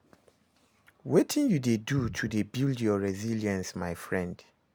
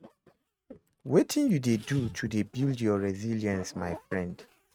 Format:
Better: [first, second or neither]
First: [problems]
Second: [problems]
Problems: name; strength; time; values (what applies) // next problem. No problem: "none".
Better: first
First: none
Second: noise reduction (neural mask model RNNoise)